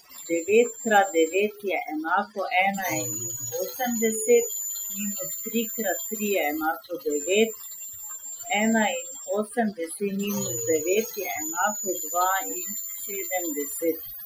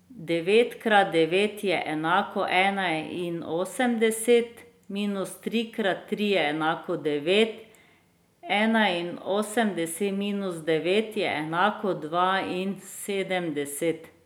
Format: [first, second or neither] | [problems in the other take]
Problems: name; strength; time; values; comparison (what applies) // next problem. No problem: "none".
second | noise reduction (classical method Wiener filter)